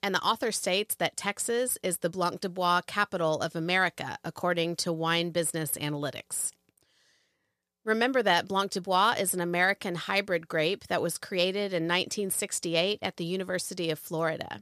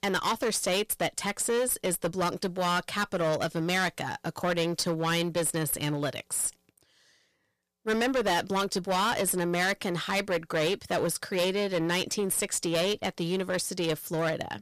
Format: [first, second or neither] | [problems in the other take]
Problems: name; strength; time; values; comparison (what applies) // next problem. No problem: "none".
first | distortion; heavy; 12% of the sound clipped